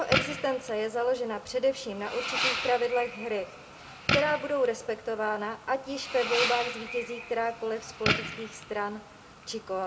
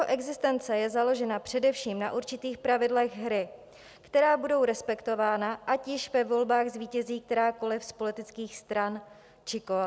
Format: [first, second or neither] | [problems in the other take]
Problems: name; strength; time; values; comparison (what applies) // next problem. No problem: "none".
second | background sound (Fireworks); 4 dB below the speech // room echo; dies away in 0.2 s